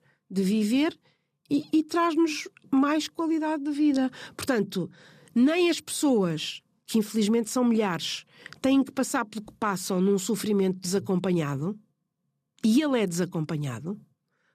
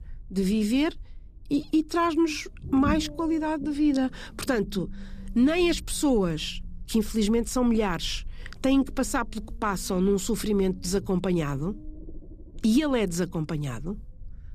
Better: first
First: none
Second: low rumble; faint; throughout; 20 dB below the speech

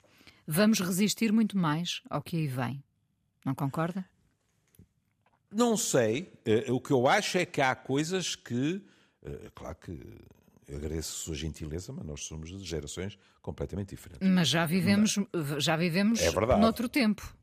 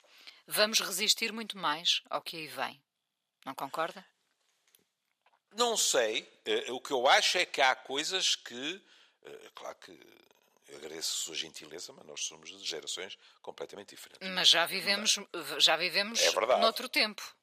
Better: first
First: none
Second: thin; very; fading below 650 Hz

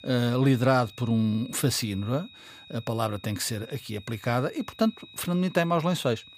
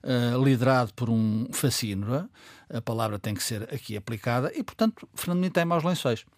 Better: second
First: high-pitched whine; faint; throughout; 4 kHz, 20 dB below the speech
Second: none

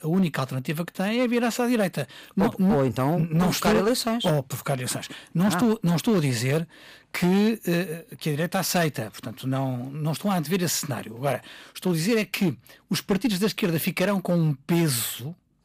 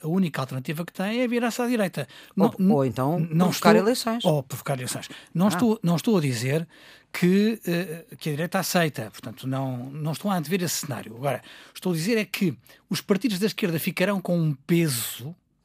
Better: second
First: distortion; slight; 7% of the sound clipped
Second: none

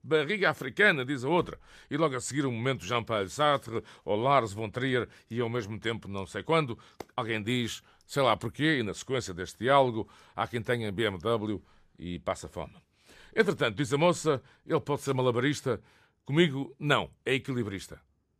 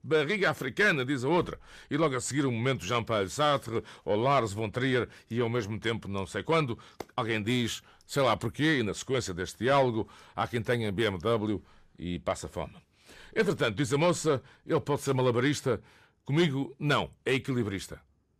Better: first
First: none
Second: distortion; slight; 10 dB below the speech

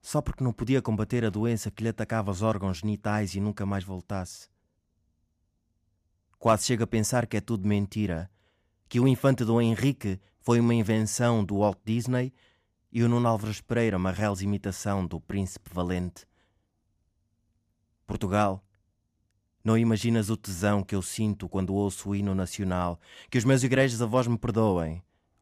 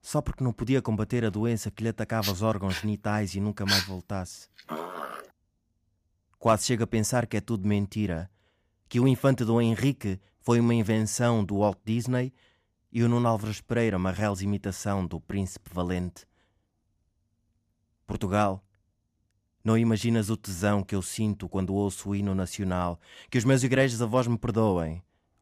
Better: first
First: none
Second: dog barking; loud; from 2 to 5 s; peak 2 dB above the speech

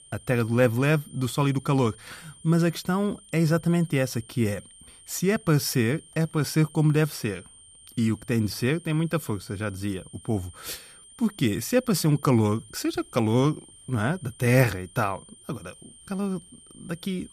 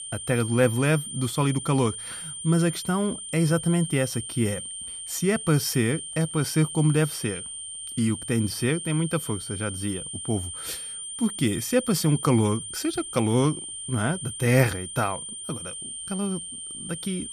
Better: first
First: high-pitched whine; faint; throughout; 9 kHz, 20 dB below the speech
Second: high-pitched whine; loud; throughout; 9 kHz, 8 dB below the speech

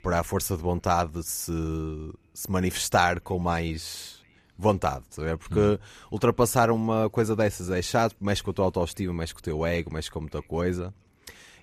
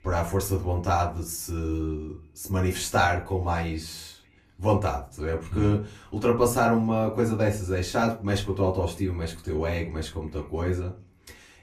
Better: first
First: none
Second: off-mic speech; far // room echo; very slight; dies away in 0.2 s

